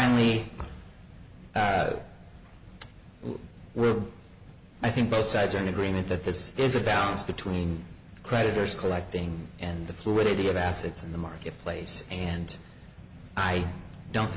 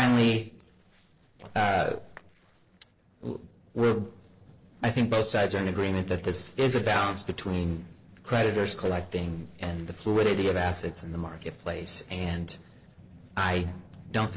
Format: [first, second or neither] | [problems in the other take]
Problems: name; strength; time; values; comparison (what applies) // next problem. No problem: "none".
first | noise reduction (neural separator model SepFormer DNS4)